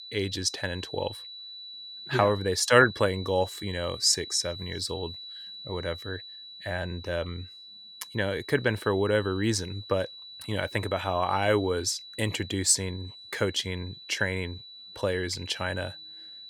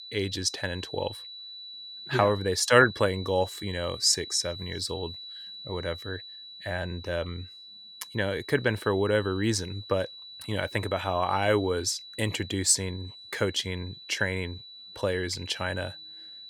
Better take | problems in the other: neither | high-pitched whine; noticeable; throughout; 4 kHz, 15 dB below the speech; the same in both

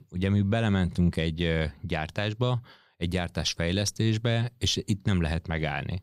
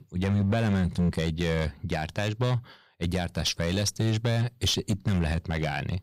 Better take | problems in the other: first | distortion; slight; 7% of the sound clipped

